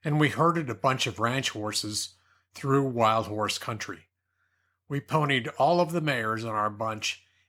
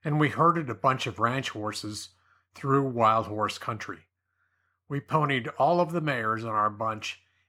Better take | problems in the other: first | muffled; slightly; fading above 3 kHz

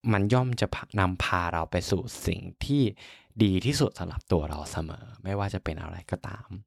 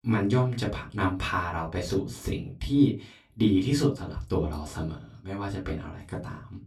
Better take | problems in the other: first | off-mic speech; far // room echo; very slight; dies away in 0.2 s

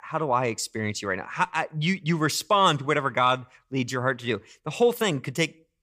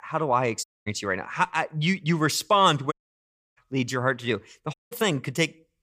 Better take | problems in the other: first | audio cutting out; at 0.5 s, at 3 s for 0.5 s and at 4.5 s

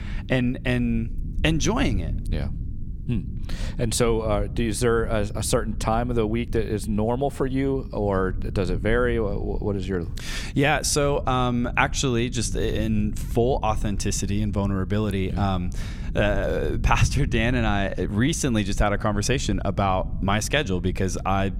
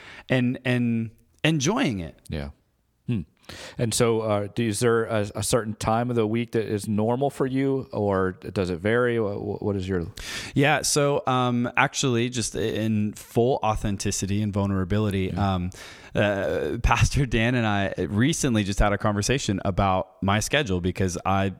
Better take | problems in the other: second | low rumble; faint; throughout; 20 dB below the speech

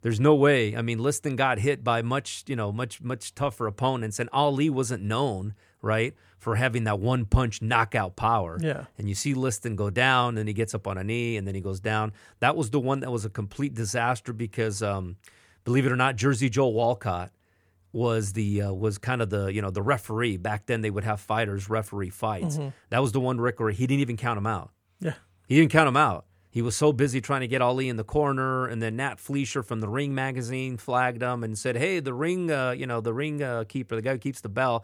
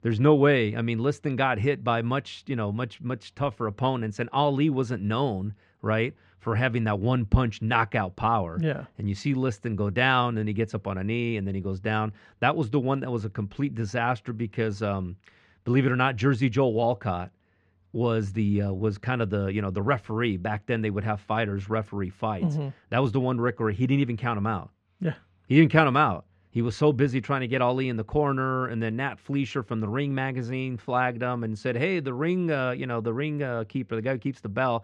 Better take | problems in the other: first | muffled; slightly; fading above 4 kHz

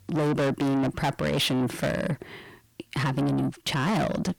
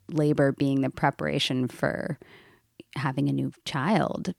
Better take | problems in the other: second | distortion; heavy; 6 dB below the speech

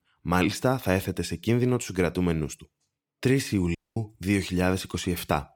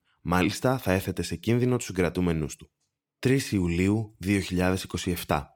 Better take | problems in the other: second | audio cutting out; at 4 s

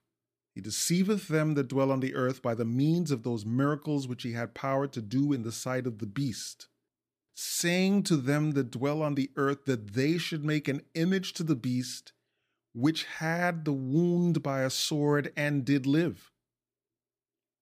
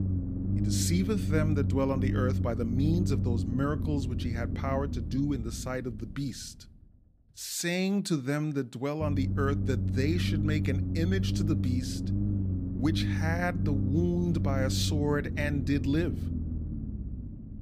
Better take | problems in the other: first | low rumble; loud; throughout; 7 dB below the speech

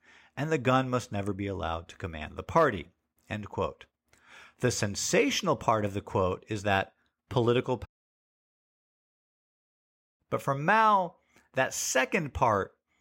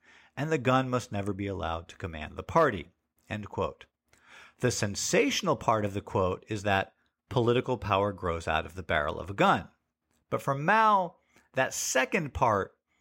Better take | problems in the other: second | audio cutting out; at 8 s for 2.5 s

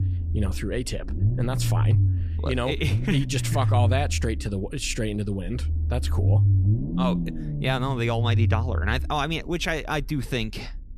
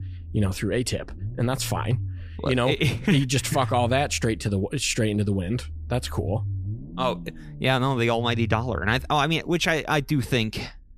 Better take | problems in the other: second | low rumble; loud; throughout; 9 dB below the speech; faint in the second

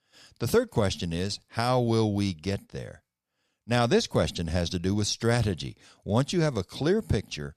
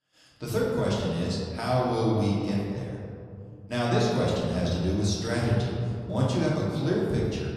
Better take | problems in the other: first | room echo; noticeable; dies away in 2.3 s // off-mic speech; far

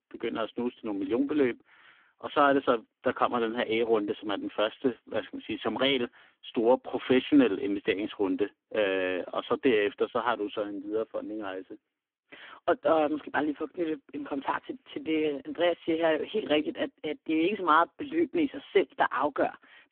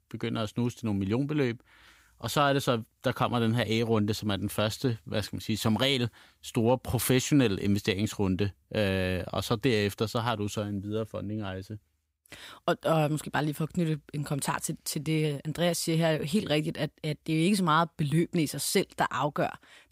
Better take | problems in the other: second | phone-call audio; poor line; nothing above 3.5 kHz

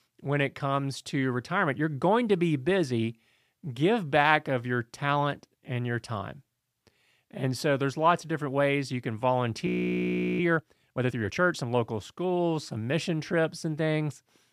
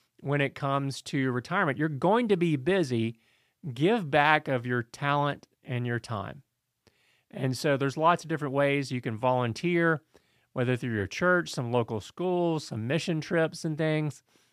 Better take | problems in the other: second | audio freezing; at 9.5 s for 0.5 s

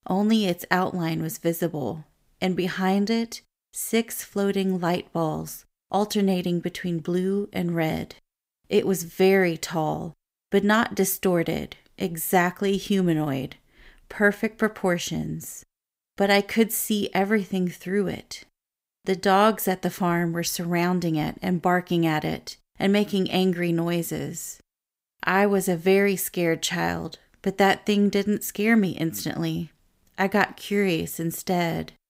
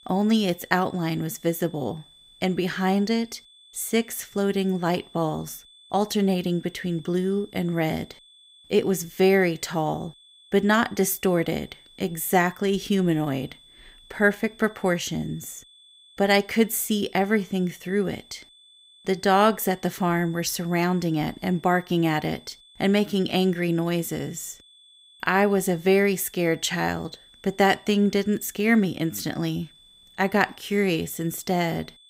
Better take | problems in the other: first | high-pitched whine; faint; throughout; 3.5 kHz, 25 dB below the speech

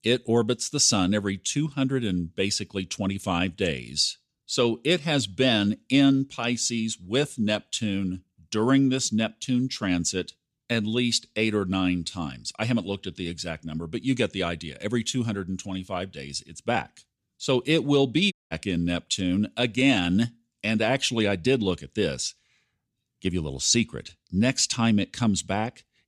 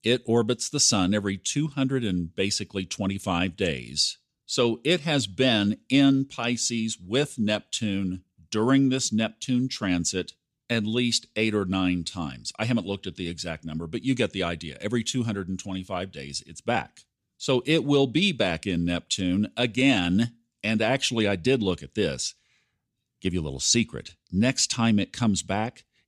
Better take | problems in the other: second | audio cutting out; at 18 s

